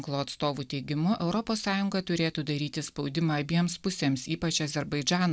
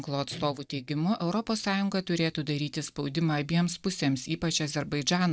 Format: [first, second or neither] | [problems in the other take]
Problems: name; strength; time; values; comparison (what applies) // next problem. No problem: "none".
first | noise reduction (neural mask model DeepFilterNet 3)